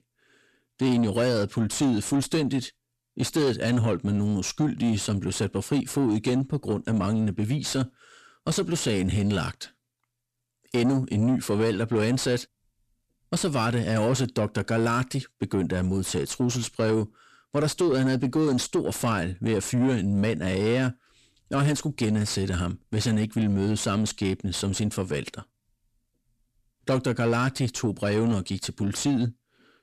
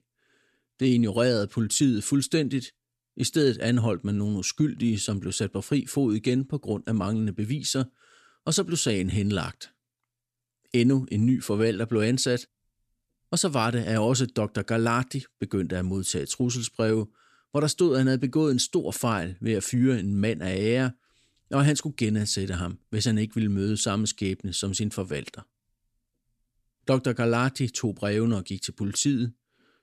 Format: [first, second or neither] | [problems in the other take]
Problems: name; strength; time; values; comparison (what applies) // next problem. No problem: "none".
second | distortion; slight; 10 dB below the speech